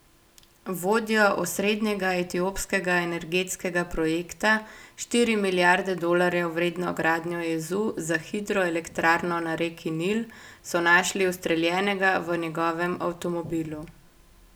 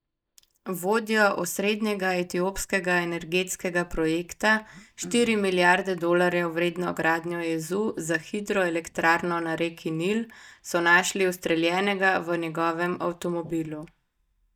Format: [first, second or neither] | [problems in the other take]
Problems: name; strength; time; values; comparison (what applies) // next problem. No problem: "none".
first | noise reduction (neural mask model DeepFilterNet 3)